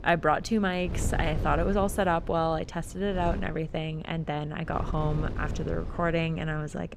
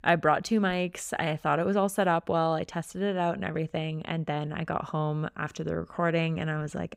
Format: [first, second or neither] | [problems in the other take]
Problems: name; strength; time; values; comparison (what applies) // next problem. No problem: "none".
second | wind noise on the microphone; occasional gusts; 15 dB below the speech